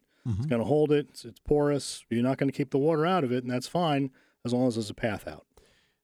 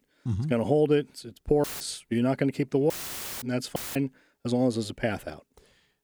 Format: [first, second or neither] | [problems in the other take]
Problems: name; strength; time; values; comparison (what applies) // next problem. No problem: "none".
first | audio cutting out; filled with static; at 1.5 s, at 3 s for 0.5 s and at 4 s